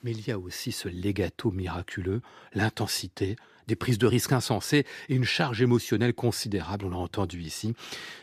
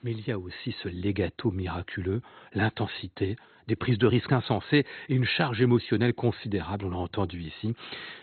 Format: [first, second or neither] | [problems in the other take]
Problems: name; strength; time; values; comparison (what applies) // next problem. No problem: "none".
first | garbled, watery; badly; nothing above 4 kHz